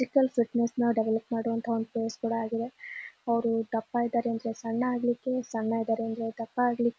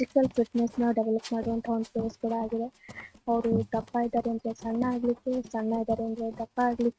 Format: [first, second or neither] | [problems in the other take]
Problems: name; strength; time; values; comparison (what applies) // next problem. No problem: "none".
first | noise reduction (neural mask model RNNoise)